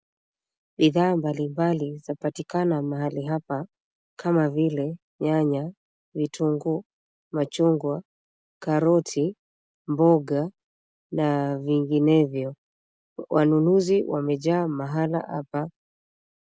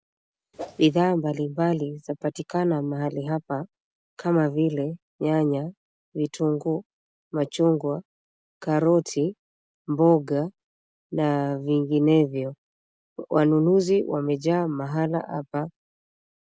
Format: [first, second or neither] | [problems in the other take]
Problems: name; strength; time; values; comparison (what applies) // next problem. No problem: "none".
first | background sound (Whoosh, swoosh, swish); 15 dB below the speech